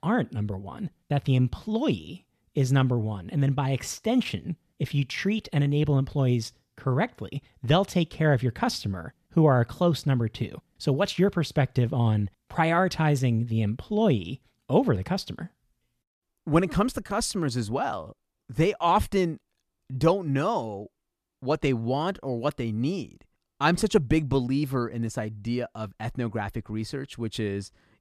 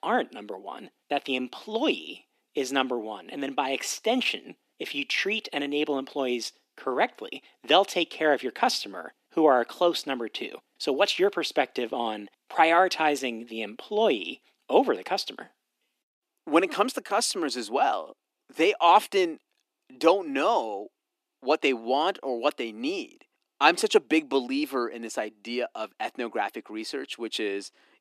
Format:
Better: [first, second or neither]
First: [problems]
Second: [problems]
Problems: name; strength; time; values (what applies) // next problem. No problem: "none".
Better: first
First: none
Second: thin; somewhat; fading below 300 Hz